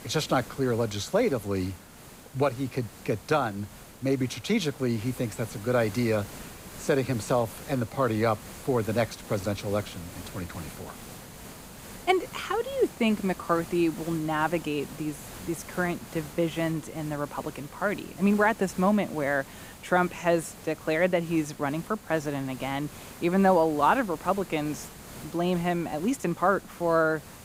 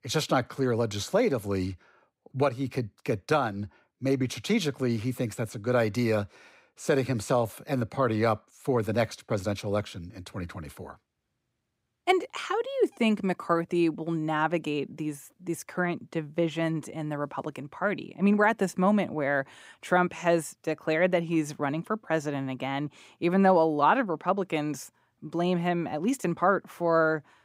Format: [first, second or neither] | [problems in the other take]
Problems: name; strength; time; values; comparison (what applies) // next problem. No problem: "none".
second | hiss; noticeable; throughout; 15 dB below the speech